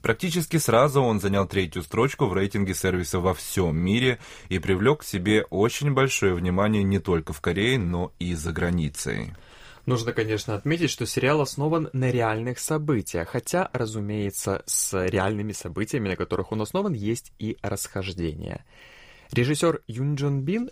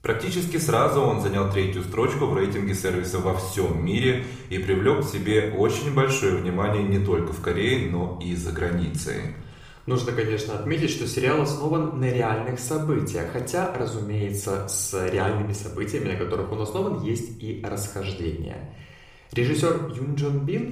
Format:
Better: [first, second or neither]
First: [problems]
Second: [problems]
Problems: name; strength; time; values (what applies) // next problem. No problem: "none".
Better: first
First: none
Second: room echo; noticeable; dies away in 0.6 s